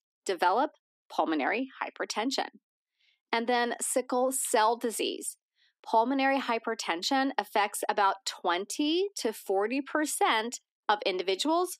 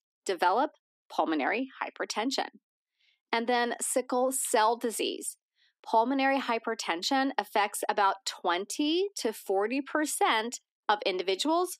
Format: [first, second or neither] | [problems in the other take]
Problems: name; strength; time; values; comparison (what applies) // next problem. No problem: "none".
neither | thin; somewhat; fading below 300 Hz; the same in both